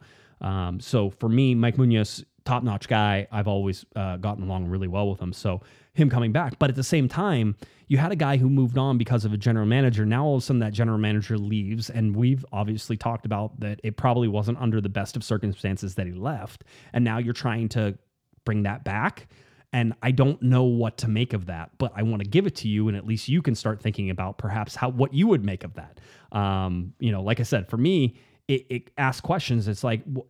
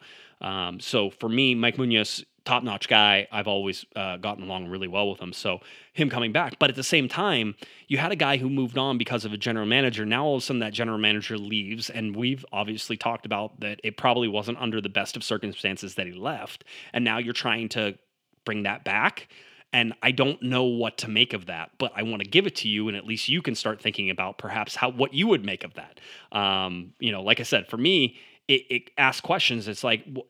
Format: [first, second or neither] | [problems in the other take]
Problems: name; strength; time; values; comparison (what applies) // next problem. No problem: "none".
first | thin; somewhat; fading below 250 Hz